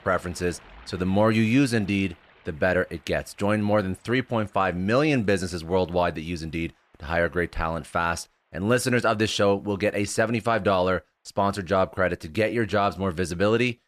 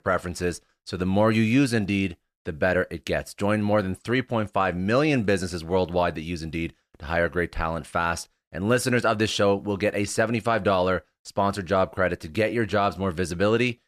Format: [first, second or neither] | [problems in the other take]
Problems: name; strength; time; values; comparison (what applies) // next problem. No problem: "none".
second | rain or running water; faint; throughout; 30 dB below the speech